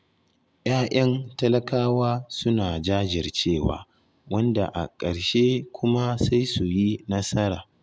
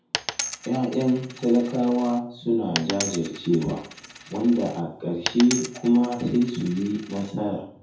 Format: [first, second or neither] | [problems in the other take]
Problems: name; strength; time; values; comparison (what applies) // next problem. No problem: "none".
first | background sound (Coin (dropping)); 11 dB below the speech // room echo; dies away in 0.6 s